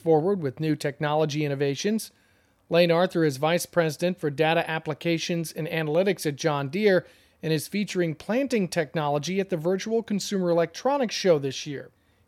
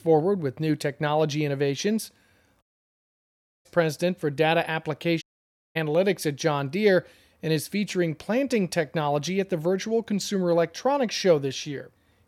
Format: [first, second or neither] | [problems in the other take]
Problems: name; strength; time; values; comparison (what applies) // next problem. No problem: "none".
first | audio cutting out; at 2.5 s for 1 s and at 5 s for 0.5 s